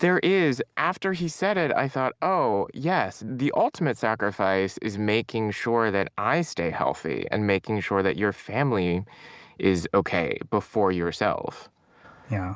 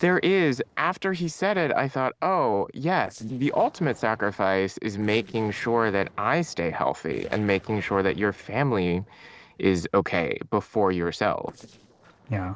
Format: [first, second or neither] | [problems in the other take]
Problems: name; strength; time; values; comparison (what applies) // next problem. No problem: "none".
first | noise reduction (neural separator model SepFormer DNS4)